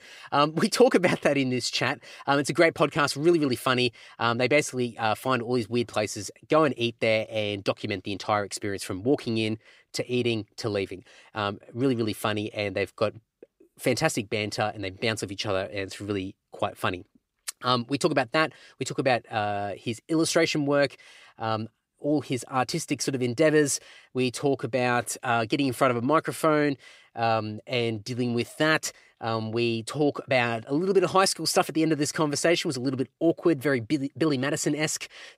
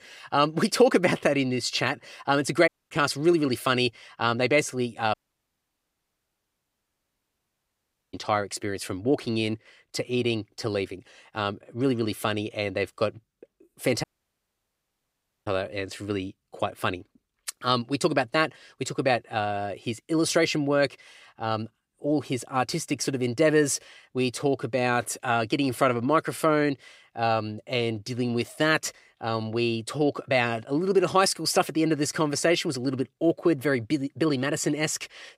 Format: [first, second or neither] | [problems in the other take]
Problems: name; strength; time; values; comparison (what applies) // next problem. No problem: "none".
first | audio cutting out; at 2.5 s, at 5 s for 3 s and at 14 s for 1.5 s